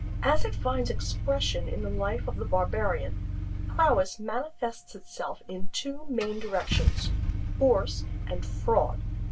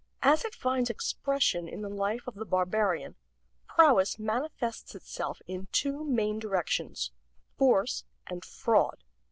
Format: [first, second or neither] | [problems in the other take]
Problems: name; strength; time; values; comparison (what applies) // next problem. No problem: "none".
second | background sound (Engine starting / Car); 3 dB below the speech // room echo; dies away in 0.1 s